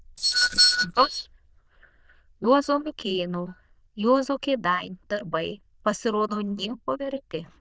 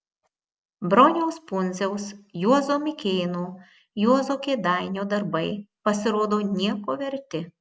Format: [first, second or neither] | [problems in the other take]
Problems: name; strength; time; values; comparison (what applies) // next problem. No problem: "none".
second | noise reduction (neural diffusion model UNIVERSE++)